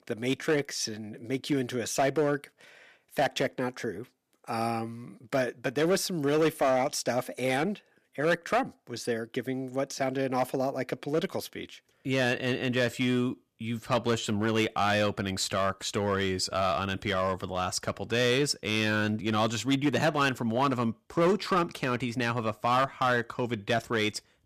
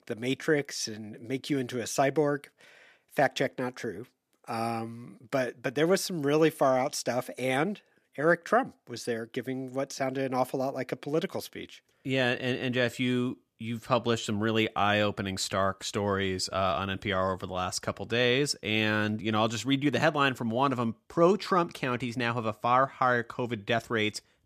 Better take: second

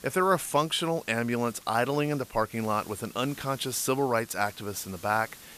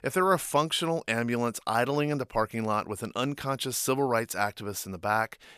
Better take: second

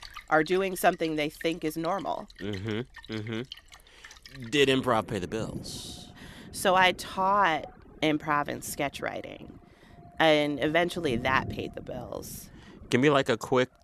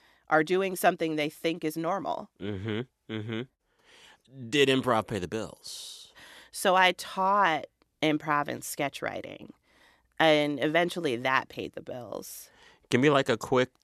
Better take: second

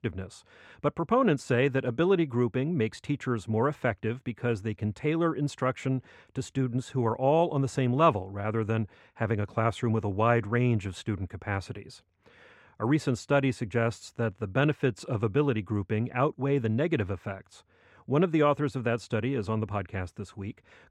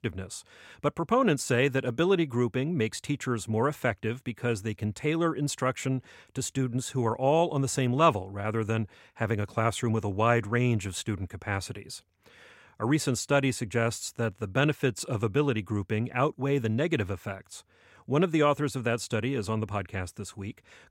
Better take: second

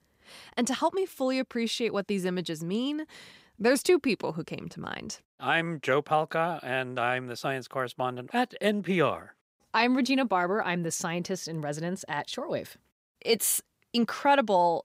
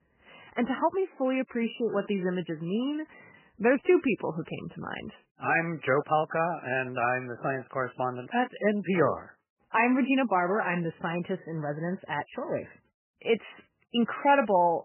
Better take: first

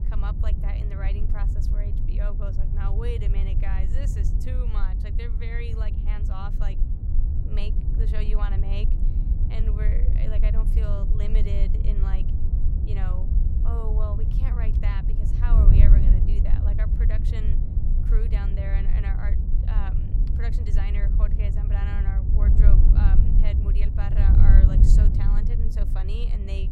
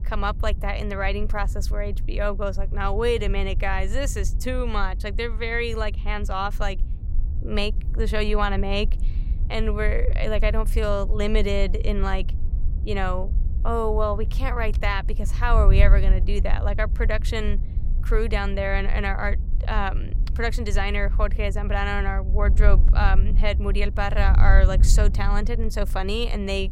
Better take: second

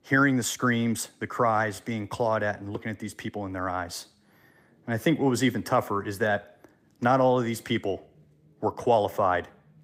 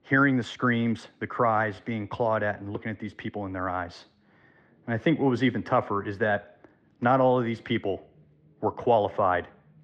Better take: first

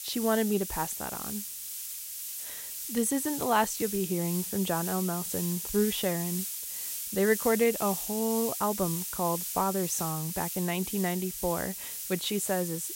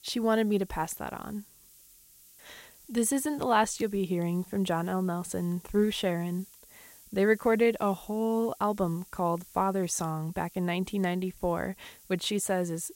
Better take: second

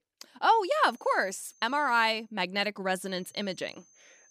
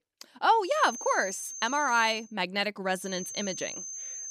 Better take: first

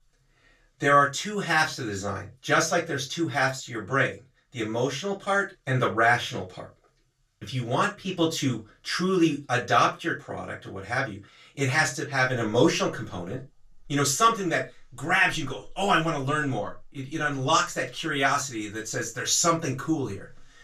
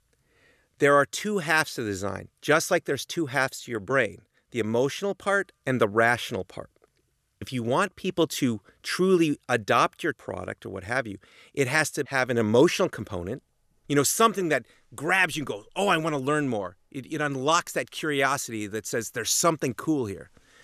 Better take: second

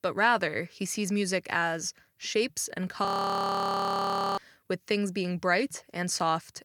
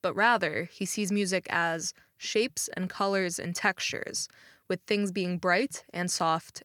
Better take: second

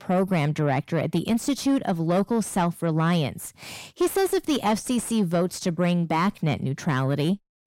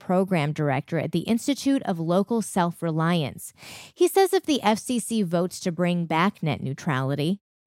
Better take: second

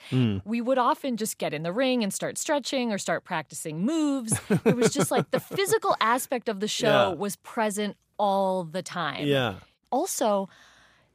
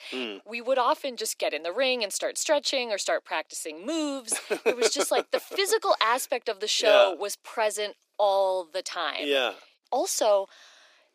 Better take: first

